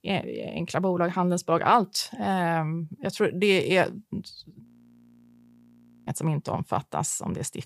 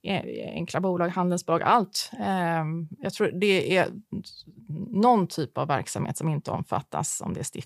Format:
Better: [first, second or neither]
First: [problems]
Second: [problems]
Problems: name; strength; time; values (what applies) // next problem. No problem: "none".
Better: second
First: audio freezing; at 4.5 s for 1.5 s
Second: none